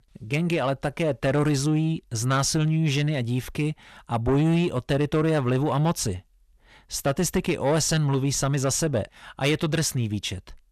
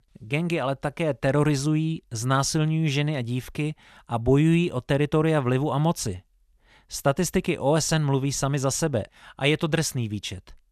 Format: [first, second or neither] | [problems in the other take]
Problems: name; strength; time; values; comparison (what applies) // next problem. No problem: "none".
second | distortion; slight; 10 dB below the speech